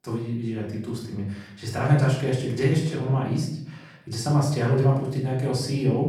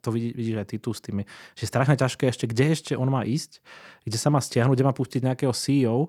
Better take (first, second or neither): second